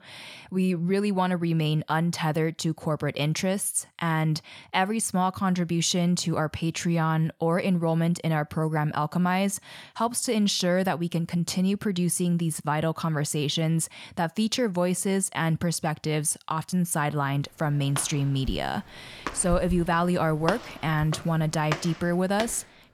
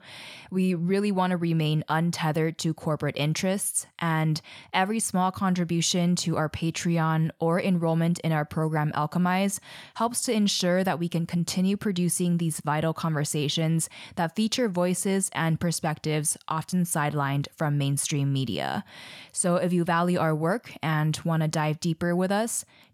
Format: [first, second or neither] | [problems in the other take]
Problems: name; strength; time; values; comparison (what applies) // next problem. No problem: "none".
second | footsteps; noticeable; from 18 s on; peak 7 dB below the speech